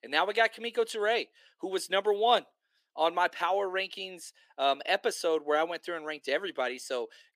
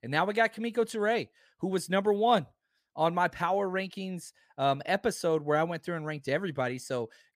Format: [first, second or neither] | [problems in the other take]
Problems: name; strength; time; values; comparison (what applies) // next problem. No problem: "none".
second | thin; somewhat; fading below 300 Hz